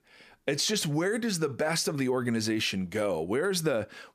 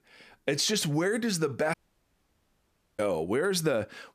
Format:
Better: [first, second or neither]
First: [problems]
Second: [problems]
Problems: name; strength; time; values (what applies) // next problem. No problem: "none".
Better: first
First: none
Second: audio cutting out; at 1.5 s for 1 s